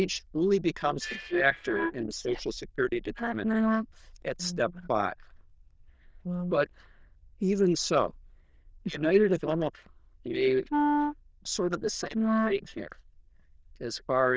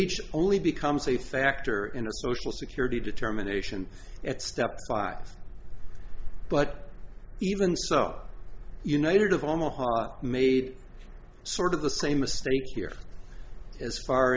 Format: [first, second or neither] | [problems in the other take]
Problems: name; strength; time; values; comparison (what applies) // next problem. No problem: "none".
second | noise reduction (neural diffusion model UNIVERSE++)